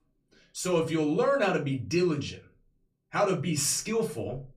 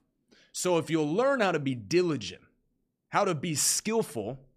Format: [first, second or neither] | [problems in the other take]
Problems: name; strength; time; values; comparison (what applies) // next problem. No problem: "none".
second | off-mic speech; far // room echo; very slight; dies away in 0.2 s